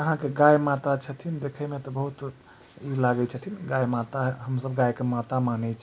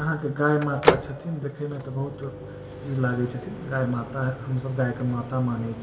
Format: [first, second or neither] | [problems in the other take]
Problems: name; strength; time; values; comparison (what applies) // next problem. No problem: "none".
first | background sound (Microwave oven); 4 dB below the speech // room echo; dies away in 1.7 s